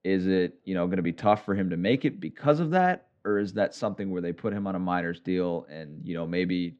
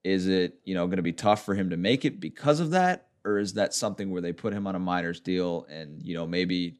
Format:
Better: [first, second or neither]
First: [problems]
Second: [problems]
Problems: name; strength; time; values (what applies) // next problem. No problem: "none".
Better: second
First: muffled; slightly; fading above 2.5 kHz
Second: none